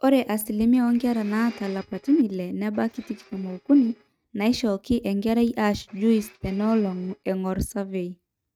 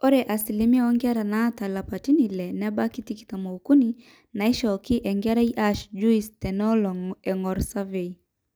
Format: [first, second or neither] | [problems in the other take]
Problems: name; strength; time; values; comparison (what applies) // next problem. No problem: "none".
second | noise reduction (neural mask model RNNoise)